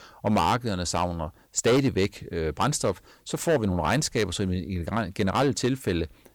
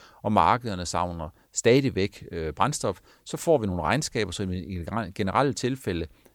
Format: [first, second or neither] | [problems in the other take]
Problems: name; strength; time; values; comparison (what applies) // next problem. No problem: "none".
second | distortion; heavy; 5% of the sound clipped